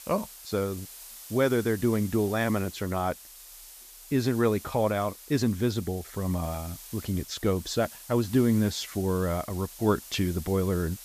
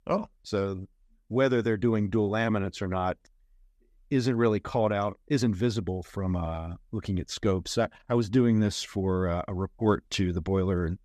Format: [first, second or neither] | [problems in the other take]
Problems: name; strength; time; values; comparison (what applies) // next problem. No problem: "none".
second | hiss; noticeable; throughout; 15 dB below the speech